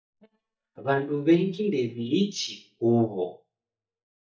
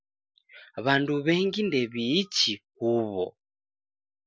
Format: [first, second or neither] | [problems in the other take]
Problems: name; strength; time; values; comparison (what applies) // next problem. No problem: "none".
second | noise reduction (neural mask model DeepFilterNet 3)